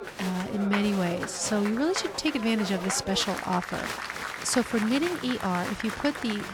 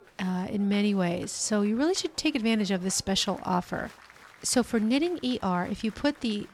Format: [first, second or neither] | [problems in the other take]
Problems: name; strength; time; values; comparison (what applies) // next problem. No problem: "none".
second | crowd noise; loud; throughout; 7 dB below the speech; faint in the second